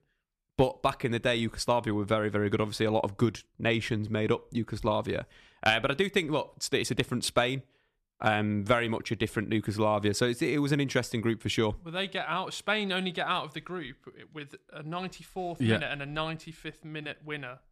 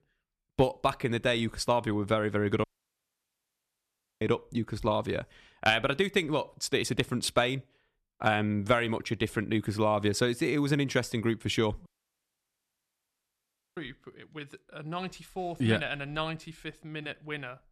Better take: first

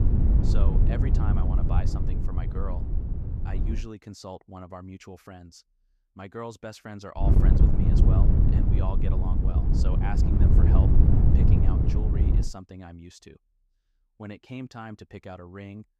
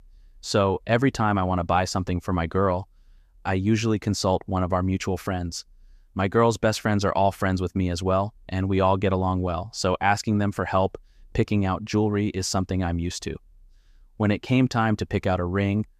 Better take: second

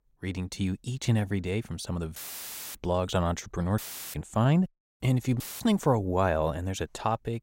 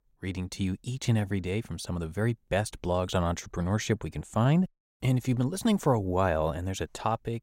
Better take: second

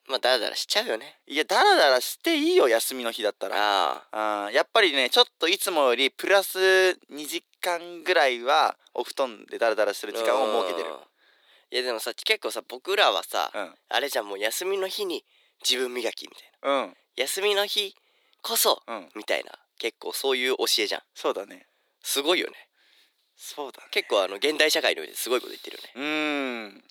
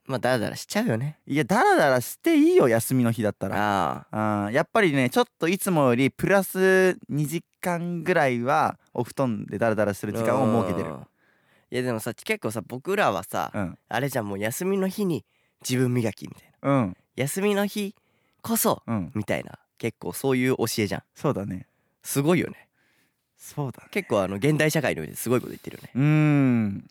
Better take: second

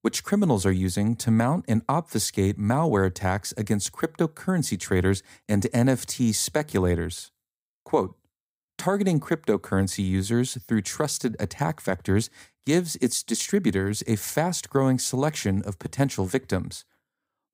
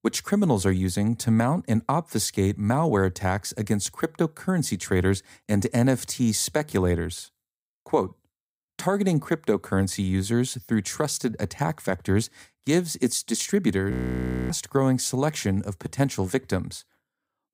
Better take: first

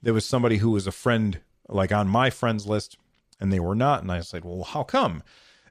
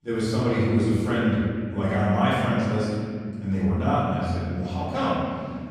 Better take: first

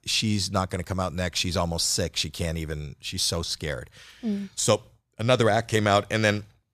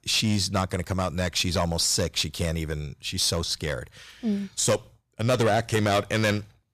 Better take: first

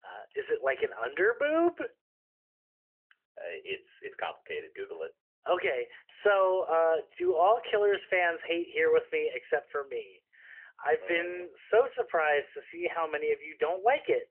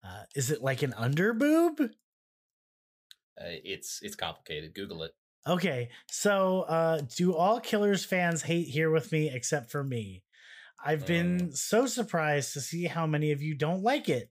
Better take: second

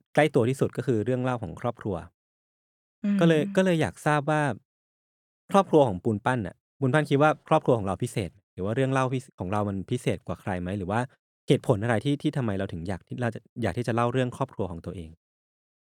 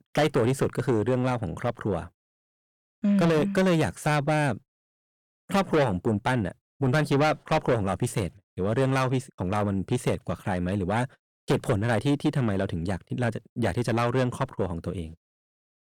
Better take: first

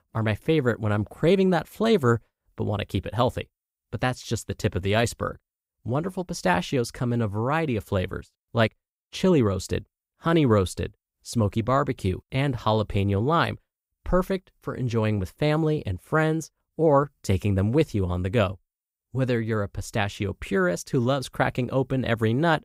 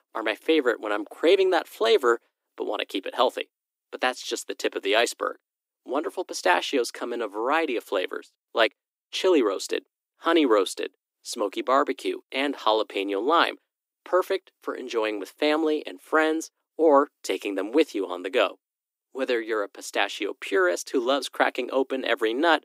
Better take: first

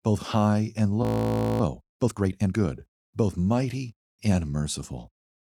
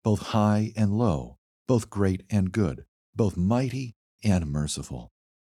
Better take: second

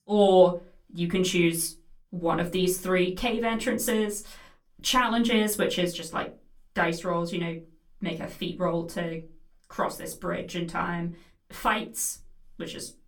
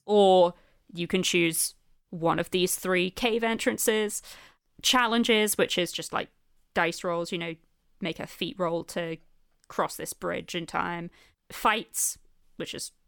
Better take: second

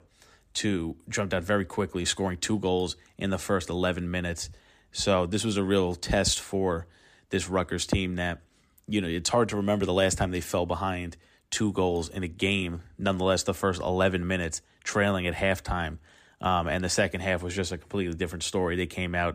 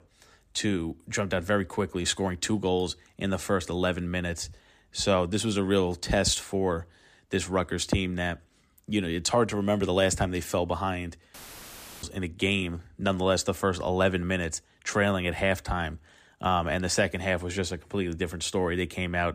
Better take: first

